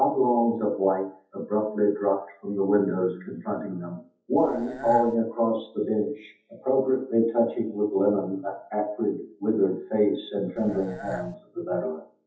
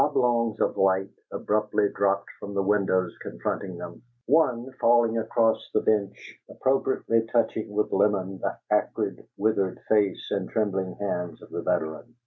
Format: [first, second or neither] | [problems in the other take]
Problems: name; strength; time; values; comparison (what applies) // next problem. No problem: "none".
second | noise reduction (classical method WPE with log-MMSE)